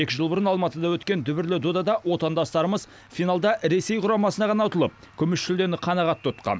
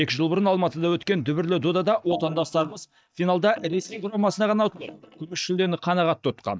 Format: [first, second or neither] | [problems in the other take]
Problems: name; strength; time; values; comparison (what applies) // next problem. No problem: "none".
first | noise reduction (neural mask model DeepFilterNet 3)